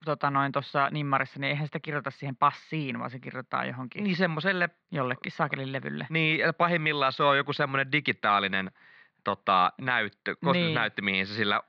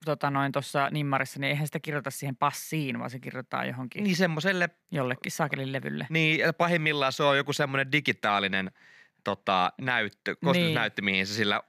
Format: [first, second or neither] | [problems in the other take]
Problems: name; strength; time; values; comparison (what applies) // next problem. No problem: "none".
second | muffled; very slightly; fading above 4 kHz